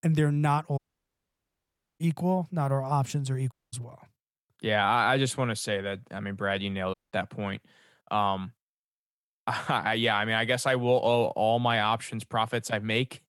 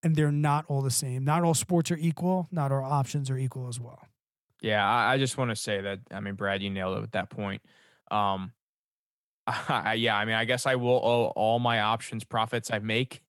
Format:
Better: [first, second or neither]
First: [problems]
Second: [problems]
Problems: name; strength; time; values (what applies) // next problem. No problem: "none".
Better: second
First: audio cutting out; at 1 s for 1 s, at 3.5 s and at 7 s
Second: none